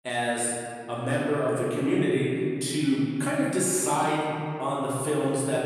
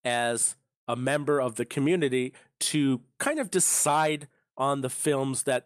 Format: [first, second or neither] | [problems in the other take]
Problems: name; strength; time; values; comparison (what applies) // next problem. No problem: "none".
second | room echo; strong; dies away in 2.6 s // off-mic speech; far